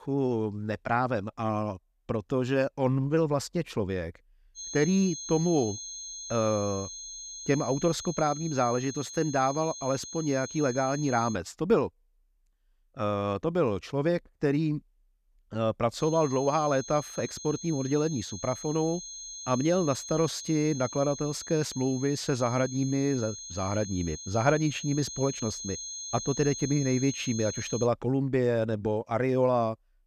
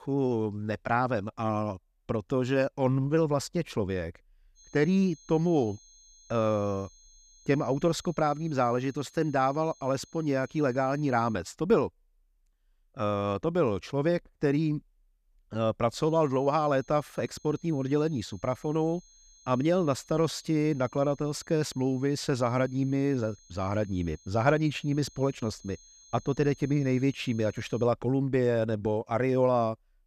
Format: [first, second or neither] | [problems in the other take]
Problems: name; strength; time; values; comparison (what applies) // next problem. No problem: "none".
second | high-pitched whine; loud; from 4.5 to 11 s and from 16 to 28 s; 6.5 kHz, 10 dB below the speech; faint in the second